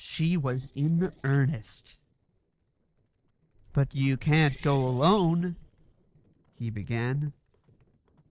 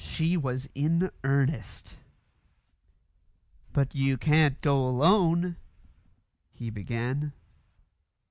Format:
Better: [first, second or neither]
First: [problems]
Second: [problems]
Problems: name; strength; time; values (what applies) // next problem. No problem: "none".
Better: second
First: noise reduction (neural separator model SepFormer DNS4)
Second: none